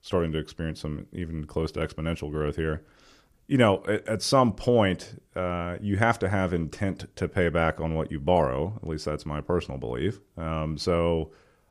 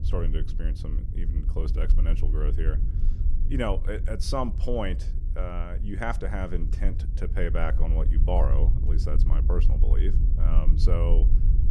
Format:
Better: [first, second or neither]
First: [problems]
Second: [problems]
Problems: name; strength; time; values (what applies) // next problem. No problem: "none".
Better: first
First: none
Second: low rumble; noticeable; throughout; 10 dB below the speech